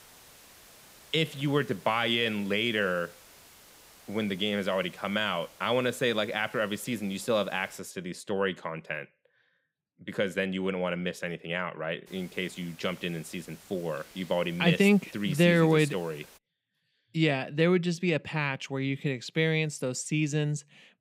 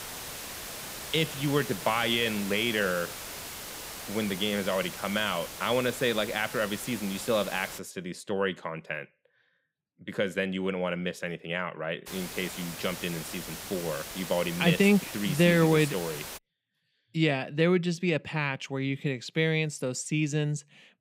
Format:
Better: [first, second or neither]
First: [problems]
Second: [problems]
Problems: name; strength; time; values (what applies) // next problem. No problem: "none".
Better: first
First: hiss; faint; until 8 s and from 12 to 16 s; 25 dB below the speech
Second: hiss; loud; until 8 s and from 12 to 16 s; 9 dB below the speech